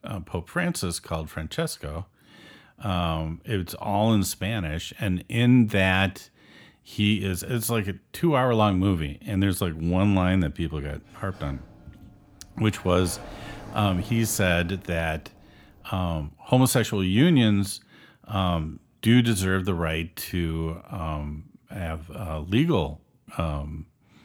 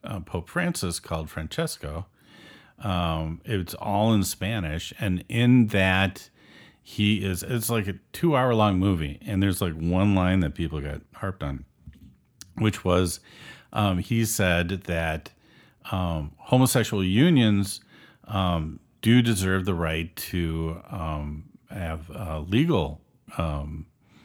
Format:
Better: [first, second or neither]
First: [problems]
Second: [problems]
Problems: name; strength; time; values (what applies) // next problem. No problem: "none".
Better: second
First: door banging; faint; from 11 to 16 s; peak 15 dB below the speech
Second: none